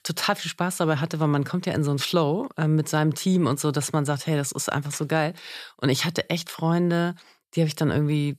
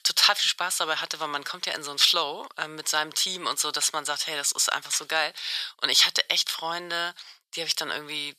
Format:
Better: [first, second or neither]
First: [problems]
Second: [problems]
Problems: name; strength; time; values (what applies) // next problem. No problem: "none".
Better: first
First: none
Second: thin; very; fading below 1 kHz